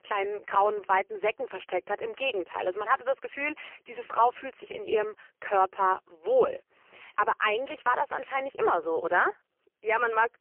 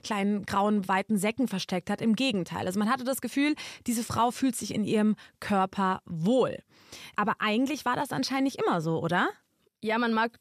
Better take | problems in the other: second | phone-call audio; poor line; nothing above 3 kHz

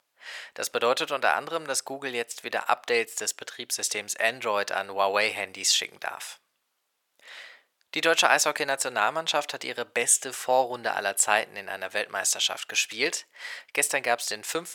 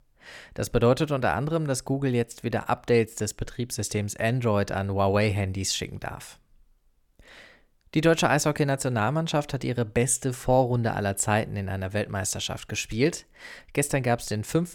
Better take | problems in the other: second | thin; very; fading below 750 Hz

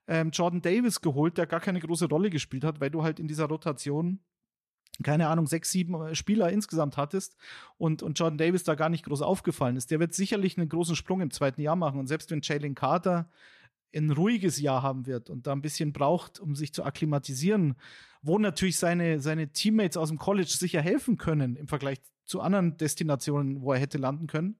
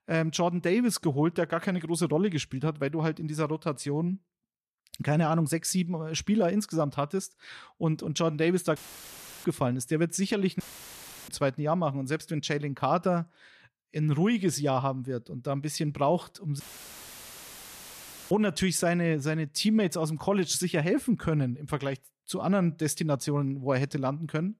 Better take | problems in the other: first | audio cutting out; filled with static; at 9 s for 0.5 s, at 11 s for 0.5 s and at 17 s for 1.5 s

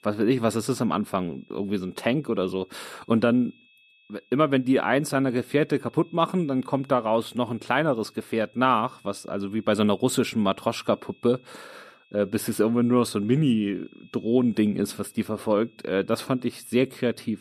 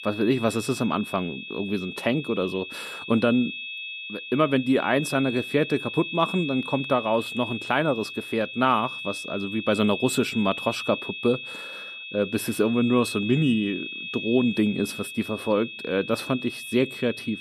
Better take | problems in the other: first | high-pitched whine; loud; throughout; 2.5 kHz, 8 dB below the speech; faint in the first

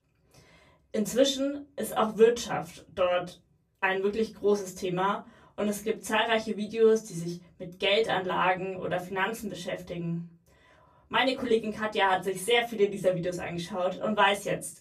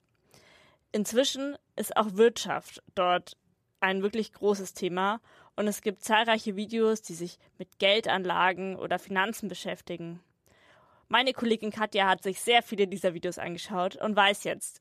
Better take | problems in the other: second | off-mic speech; far // room echo; very slight; dies away in 0.3 s

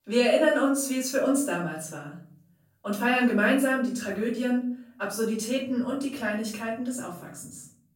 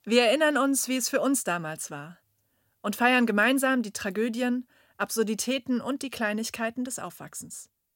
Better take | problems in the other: second | off-mic speech; far // room echo; noticeable; dies away in 0.5 s

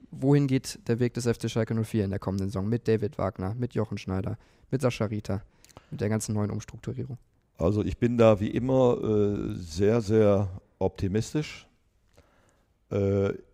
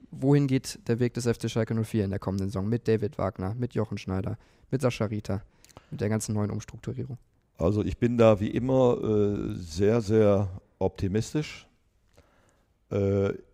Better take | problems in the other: neither | none

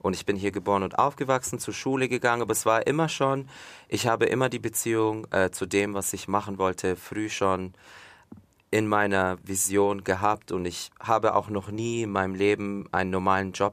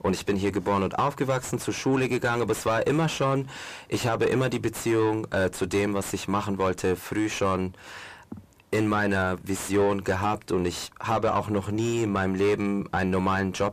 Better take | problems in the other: first | distortion; heavy; 6 dB below the speech

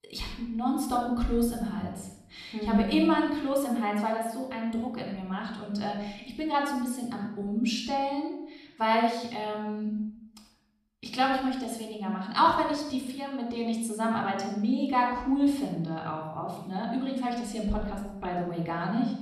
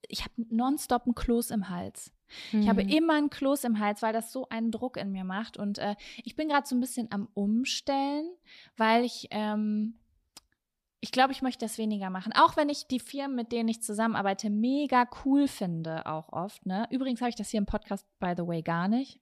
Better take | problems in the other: second | off-mic speech; somewhat distant // room echo; noticeable; dies away in 0.7 s

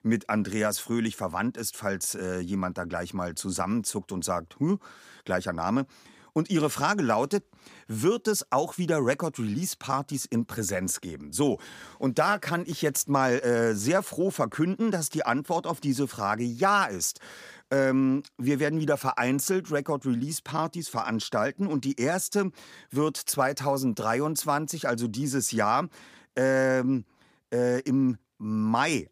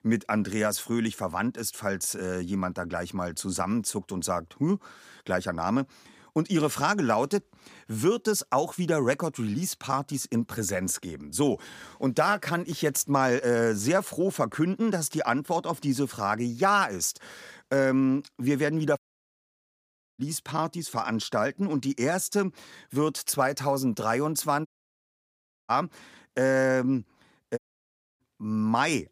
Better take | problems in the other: first | audio cutting out; at 19 s for 1 s, at 25 s for 1 s and at 28 s for 0.5 s

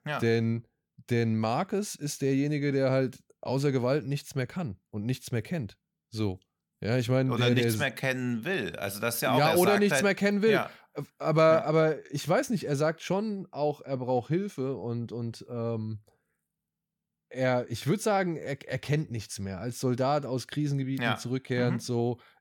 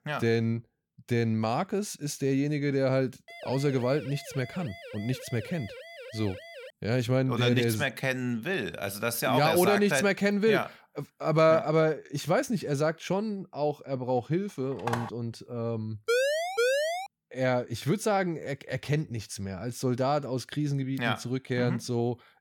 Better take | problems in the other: first | siren; faint; from 3.5 to 6.5 s; peak 15 dB below the speech // phone ringing; noticeable; at 15 s; peak 6 dB below the speech // siren; loud; at 16 s; peak 3 dB above the speech

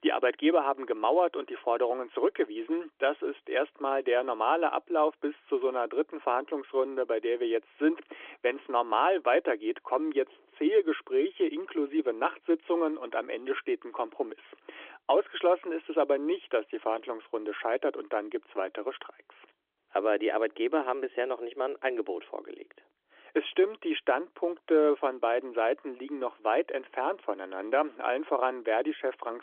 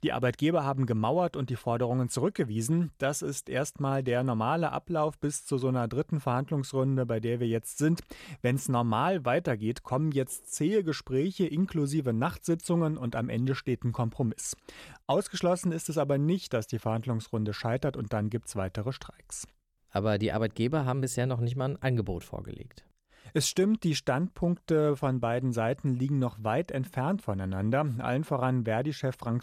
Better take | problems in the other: second | phone-call audio; nothing above 3.5 kHz

